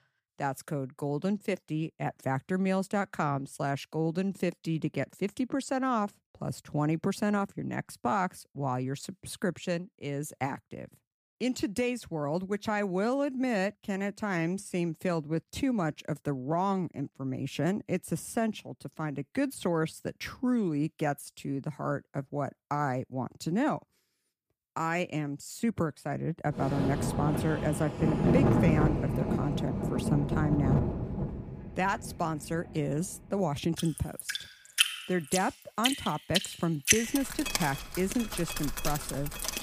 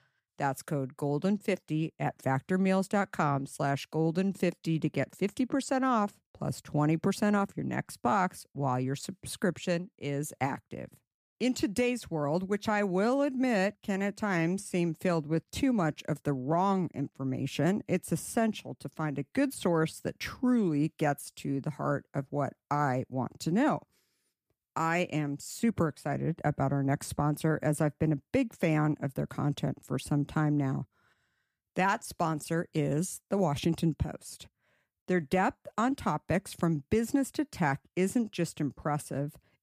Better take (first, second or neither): second